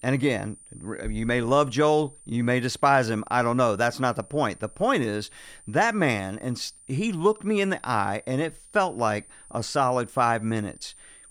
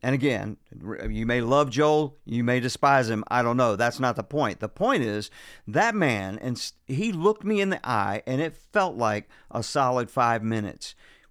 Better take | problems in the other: second | high-pitched whine; faint; throughout; 9 kHz, 25 dB below the speech

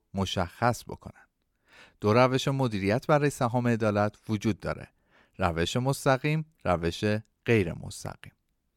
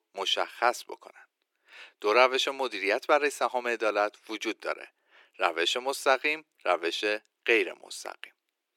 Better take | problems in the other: first | thin; very; fading below 350 Hz

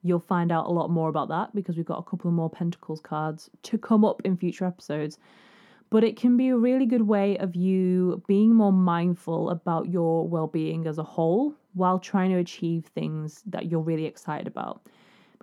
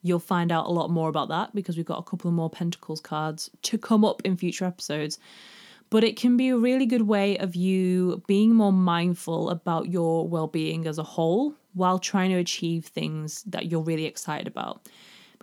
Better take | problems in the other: second | muffled; slightly; fading above 2.5 kHz

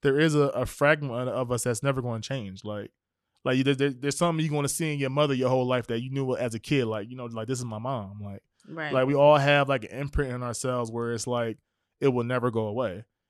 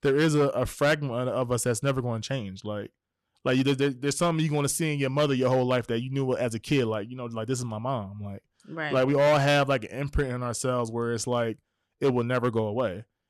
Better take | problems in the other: first | distortion; slight; 4% of the sound clipped

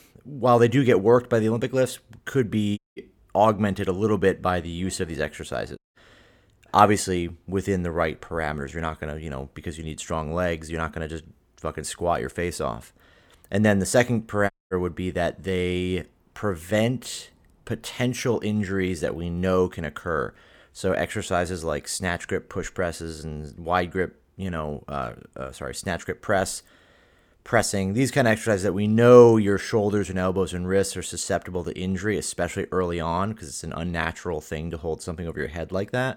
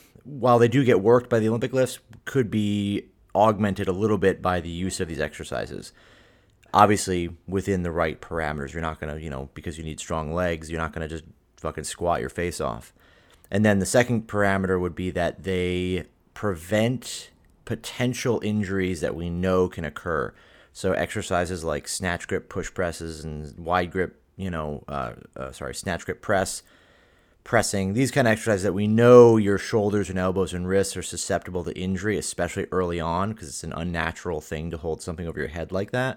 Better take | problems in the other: second | audio cutting out; at 3 s, at 6 s and at 15 s

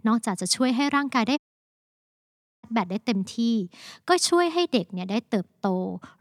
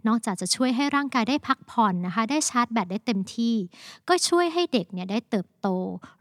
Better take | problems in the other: second | audio cutting out; at 1.5 s for 1.5 s

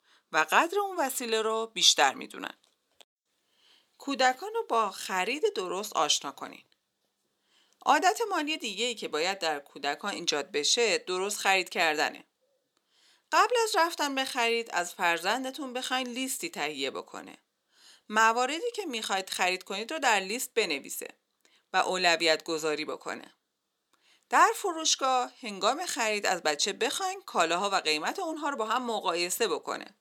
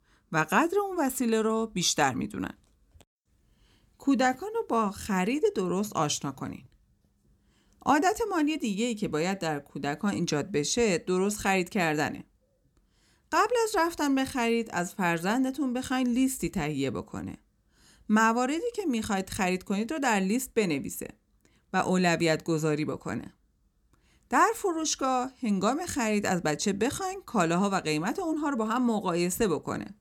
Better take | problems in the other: second | thin; somewhat; fading below 550 Hz

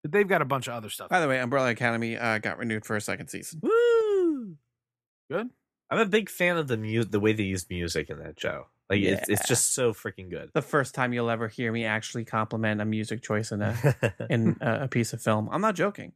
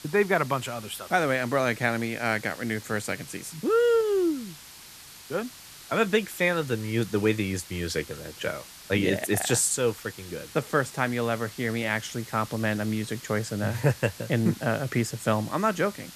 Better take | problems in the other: first | hiss; noticeable; throughout; 15 dB below the speech

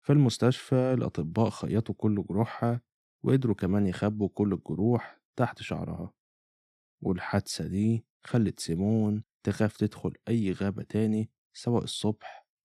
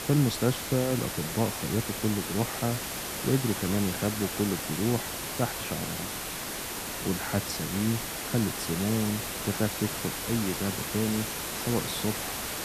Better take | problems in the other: first | hiss; loud; throughout; 2 dB below the speech

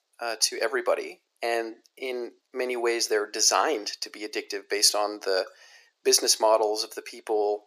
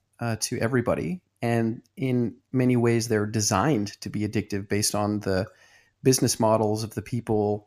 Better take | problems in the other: second | thin; very; fading below 400 Hz

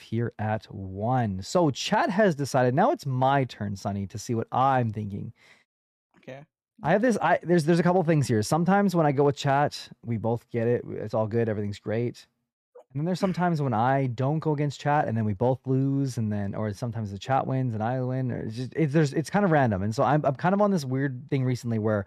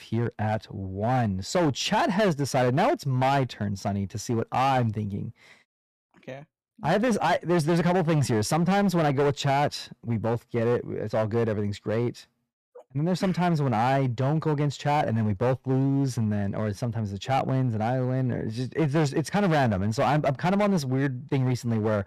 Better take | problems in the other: first | distortion; slight; 11% of the sound clipped

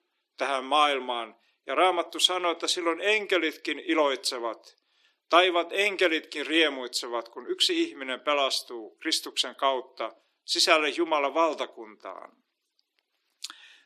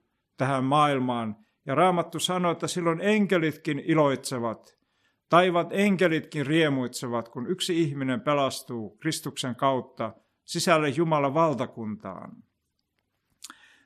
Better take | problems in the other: second | thin; somewhat; fading below 350 Hz

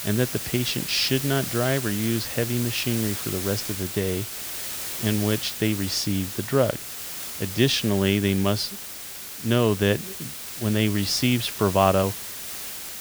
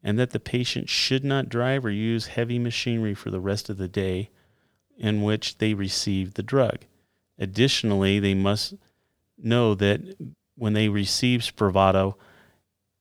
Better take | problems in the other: second | hiss; loud; throughout; 6 dB below the speech

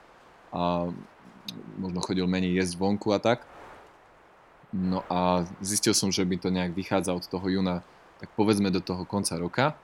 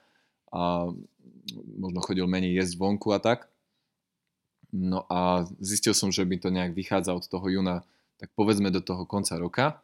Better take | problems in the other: second | wind noise on the microphone; occasional gusts; 20 dB below the speech

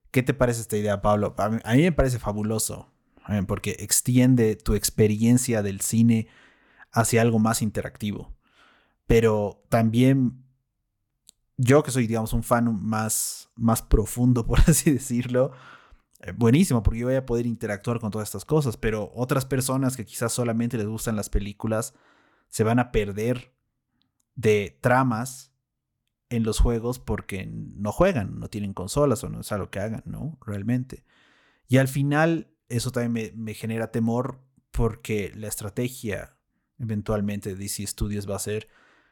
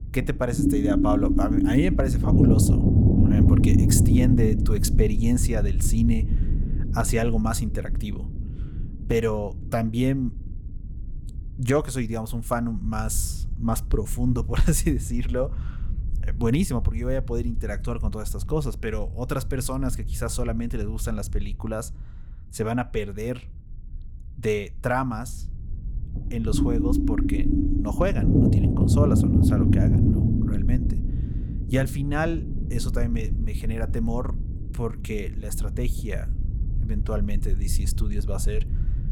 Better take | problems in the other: first | low rumble; loud; throughout; as loud as the speech

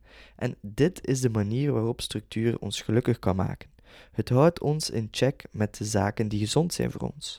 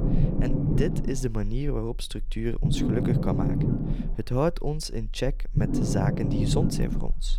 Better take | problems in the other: first | low rumble; loud; throughout; 1 dB below the speech

